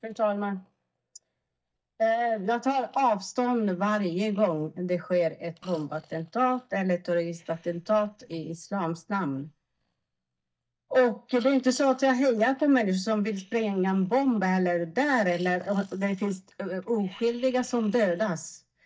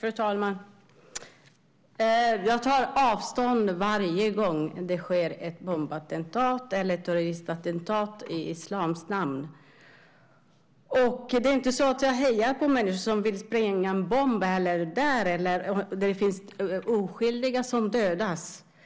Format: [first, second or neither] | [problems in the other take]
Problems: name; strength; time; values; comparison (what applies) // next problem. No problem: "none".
second | noise reduction (neural mask model DeepFilterNet 3)